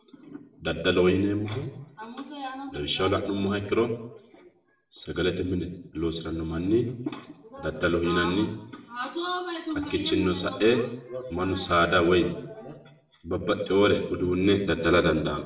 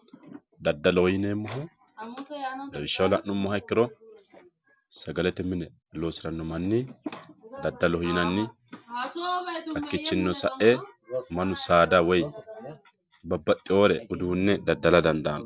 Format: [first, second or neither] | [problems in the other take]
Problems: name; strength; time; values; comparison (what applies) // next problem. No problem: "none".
second | room echo; dies away in 0.7 s